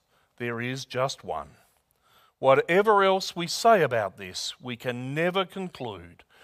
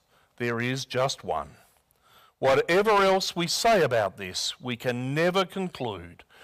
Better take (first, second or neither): first